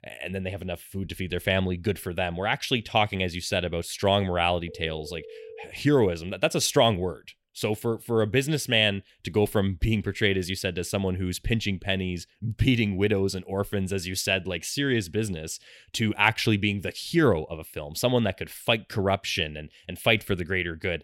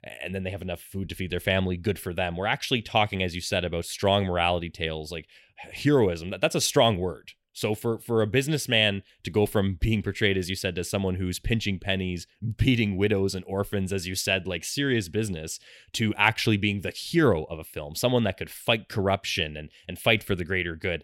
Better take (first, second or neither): second